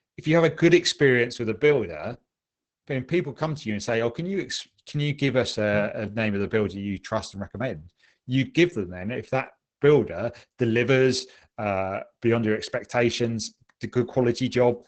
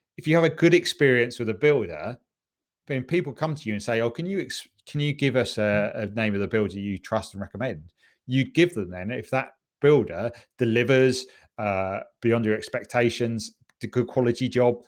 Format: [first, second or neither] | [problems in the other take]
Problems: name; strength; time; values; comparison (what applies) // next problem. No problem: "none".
second | garbled, watery; badly; nothing above 8 kHz; slightly in the second